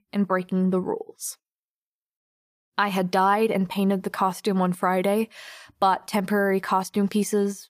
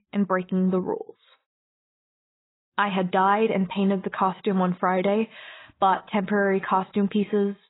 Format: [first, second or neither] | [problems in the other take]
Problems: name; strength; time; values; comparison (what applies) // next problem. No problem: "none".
first | garbled, watery; badly; nothing above 4 kHz